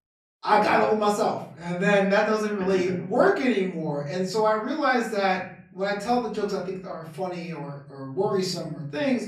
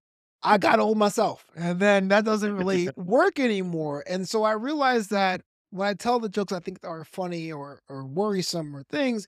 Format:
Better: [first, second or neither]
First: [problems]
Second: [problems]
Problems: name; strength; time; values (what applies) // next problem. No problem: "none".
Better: second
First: off-mic speech; far // room echo; slight; dies away in 0.7 s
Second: none